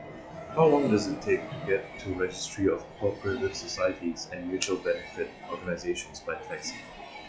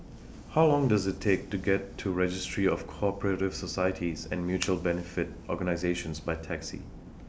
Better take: second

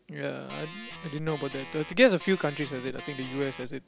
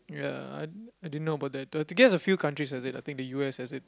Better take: second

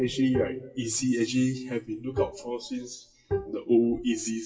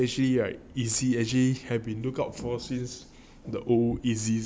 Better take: second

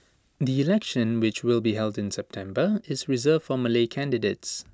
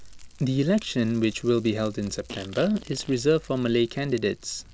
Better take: first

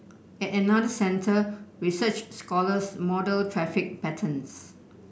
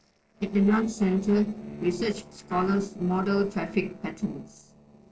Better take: first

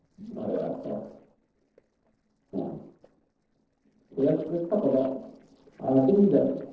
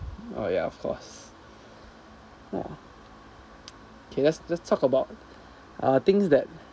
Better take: second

